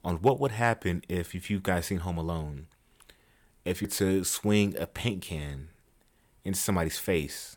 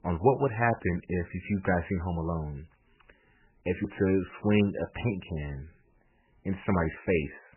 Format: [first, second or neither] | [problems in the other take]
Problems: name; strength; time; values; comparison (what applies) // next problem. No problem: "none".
first | garbled, watery; badly; nothing above 3 kHz